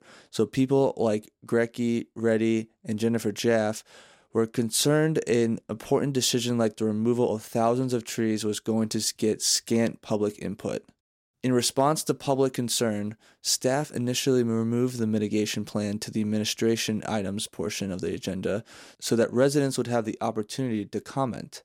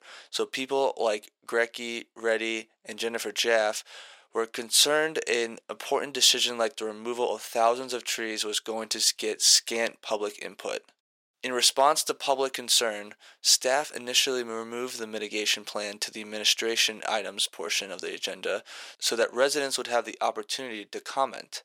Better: first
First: none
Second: thin; very; fading below 700 Hz

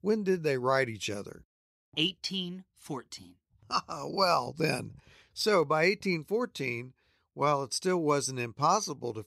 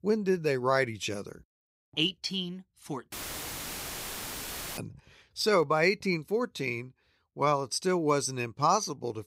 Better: first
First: none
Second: audio cutting out; filled with static; at 3 s for 1.5 s

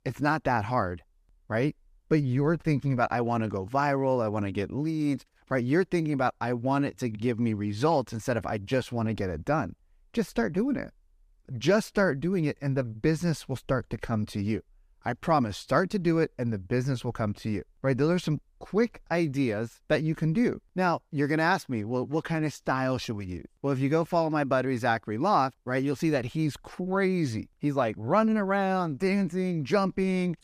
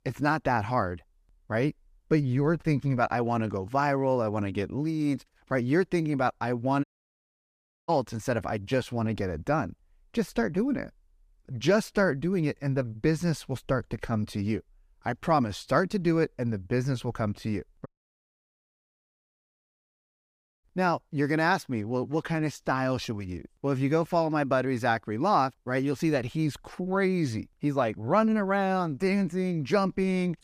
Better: first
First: none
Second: audio cutting out; at 7 s for 1 s and at 18 s for 3 s

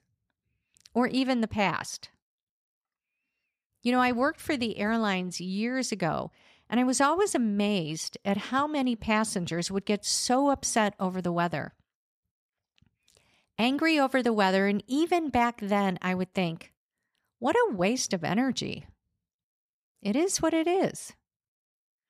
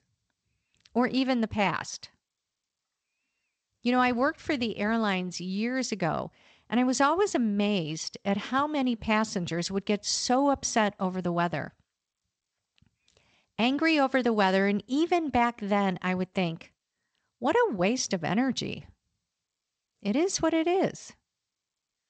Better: first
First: none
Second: garbled, watery; slightly; nothing above 8 kHz

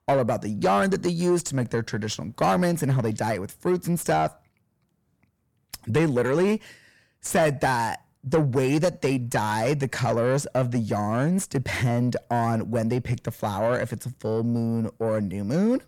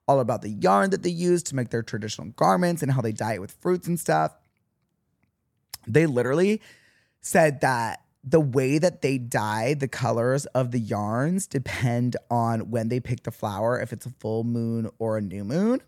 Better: second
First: distortion; slight; 10 dB below the speech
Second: none

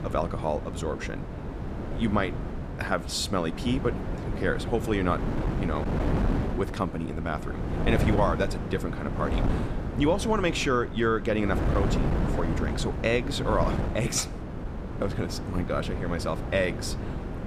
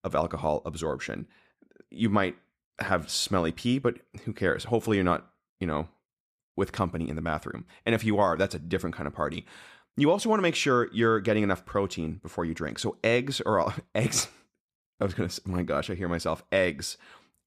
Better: second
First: wind noise on the microphone; heavy; 7 dB below the speech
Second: none

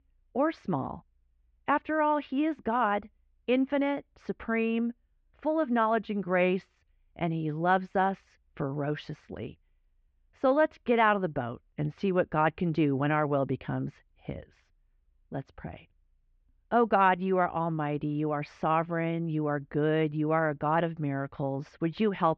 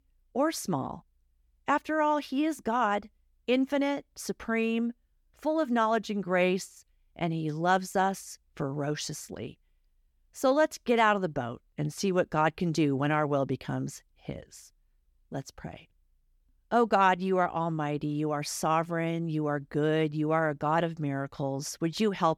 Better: second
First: muffled; very; fading above 3 kHz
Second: none

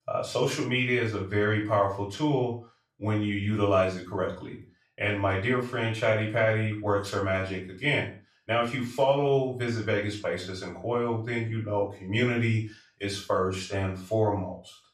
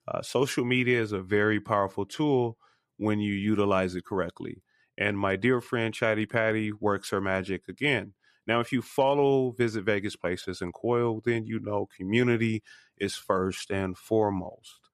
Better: second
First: room echo; noticeable; dies away in 0.3 s // off-mic speech; far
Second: none

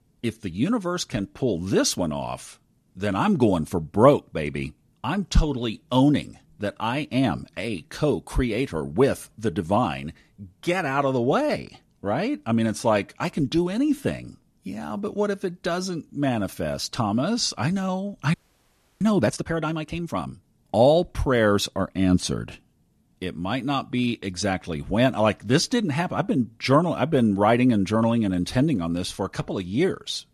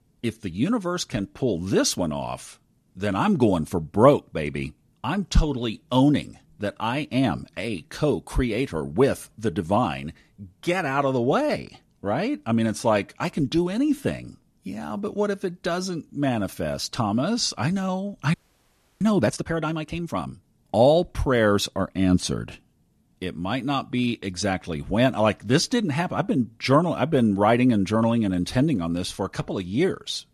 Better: neither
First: audio freezing; at 18 s for 0.5 s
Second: audio freezing; at 18 s for 0.5 s

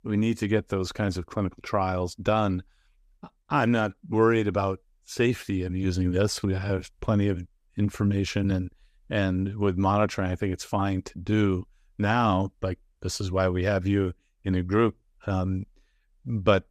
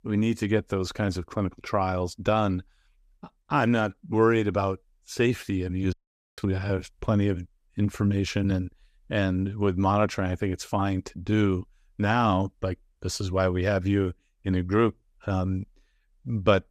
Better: first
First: none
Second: audio cutting out; at 6 s

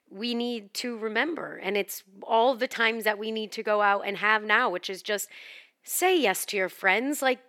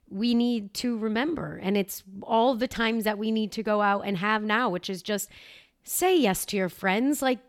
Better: second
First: thin; somewhat; fading below 400 Hz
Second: none

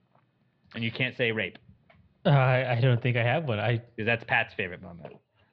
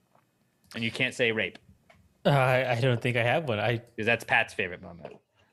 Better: second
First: muffled; very slightly; fading above 4 kHz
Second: none

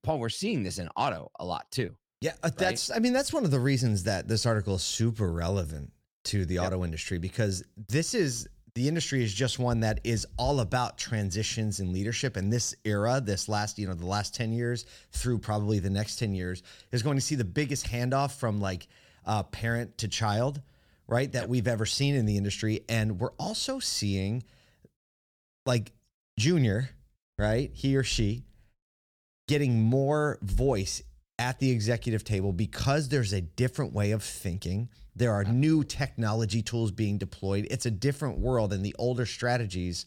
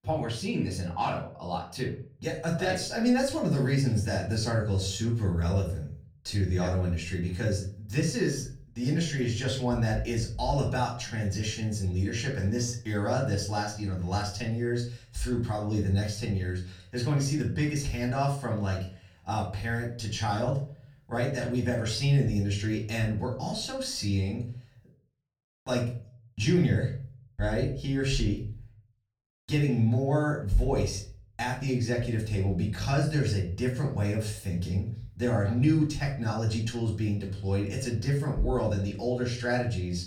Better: first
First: none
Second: room echo; slight; dies away in 0.4 s // off-mic speech; far

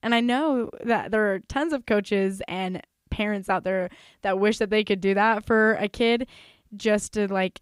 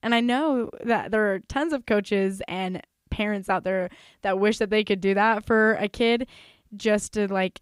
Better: neither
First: none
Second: none

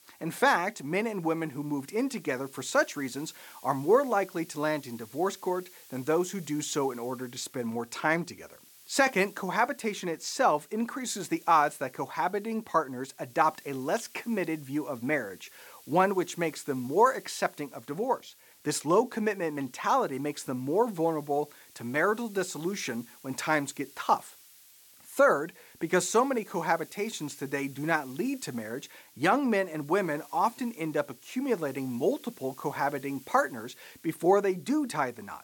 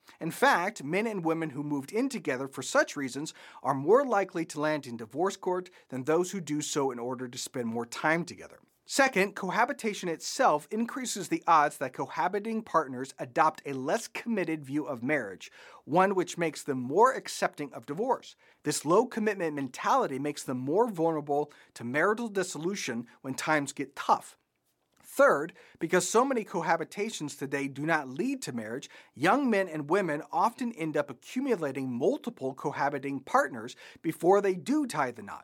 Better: second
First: hiss; faint; throughout; 20 dB below the speech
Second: none

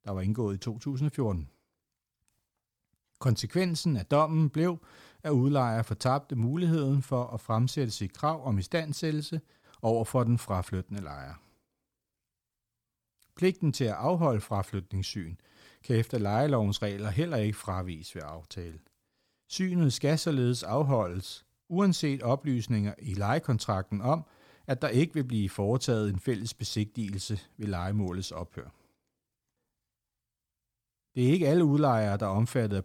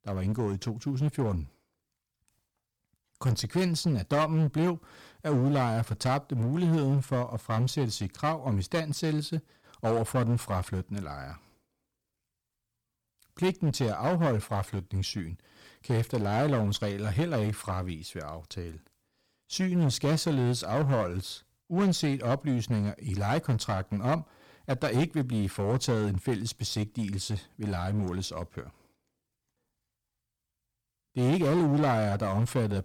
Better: first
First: none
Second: distortion; slight; 8% of the sound clipped

